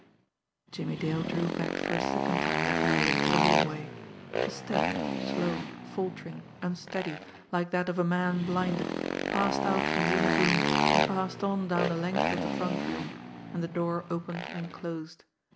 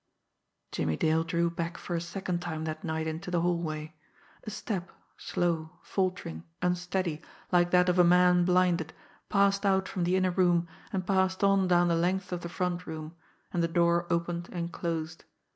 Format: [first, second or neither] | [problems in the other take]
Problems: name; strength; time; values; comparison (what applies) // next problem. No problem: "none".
second | background sound (Motorcycle); 2 dB above the speech